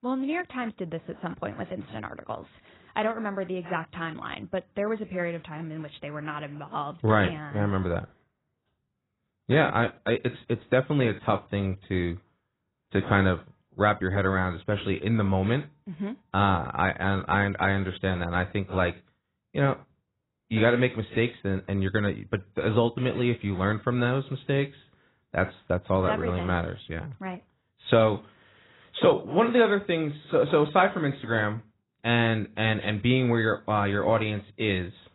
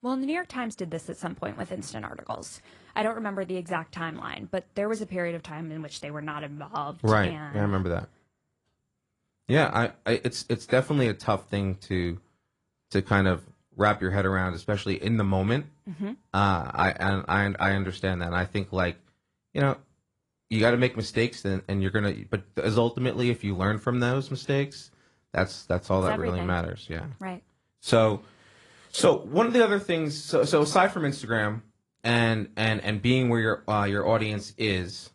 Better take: second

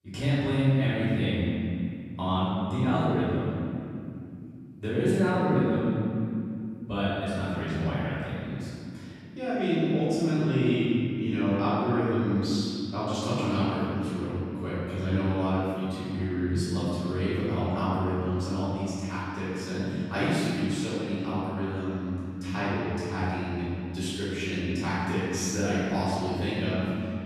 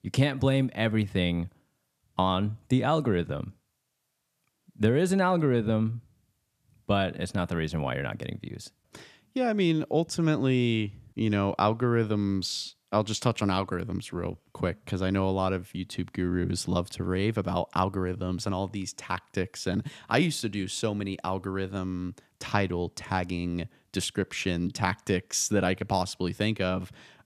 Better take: second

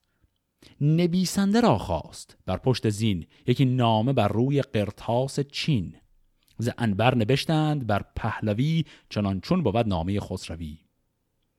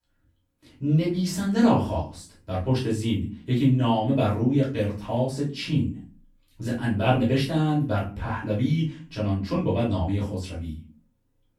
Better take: first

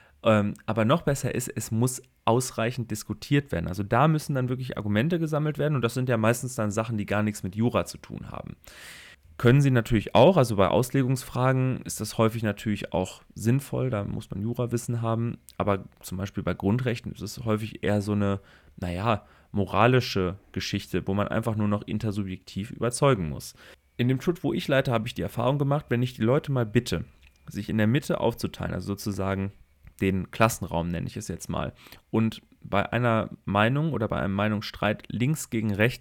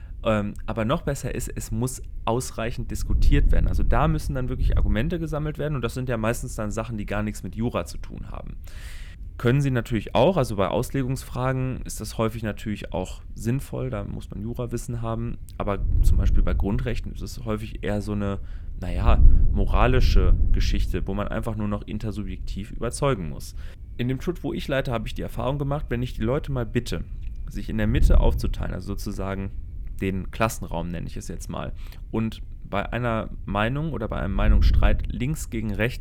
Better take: first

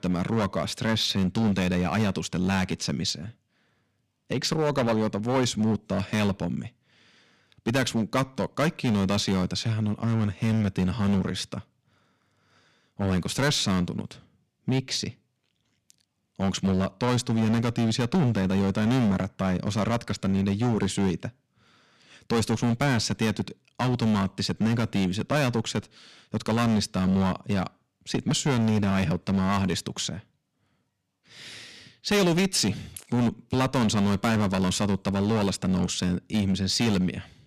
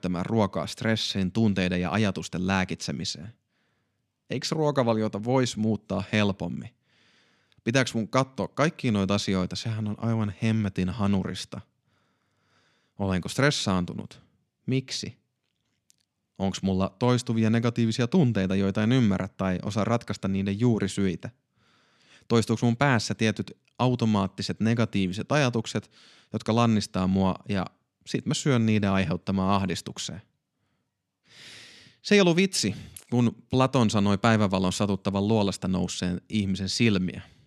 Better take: second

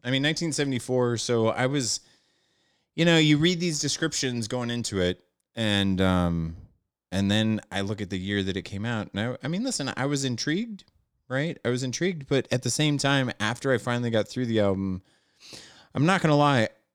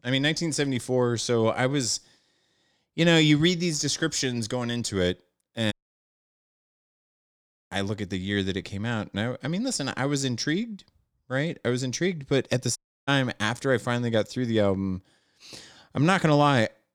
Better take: first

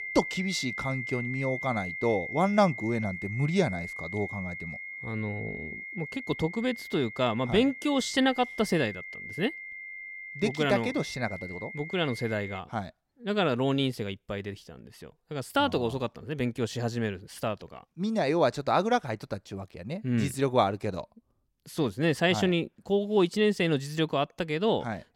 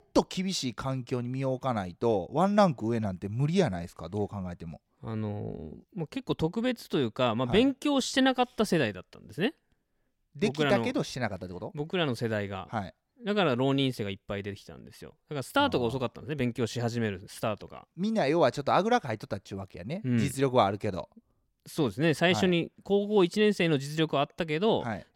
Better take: second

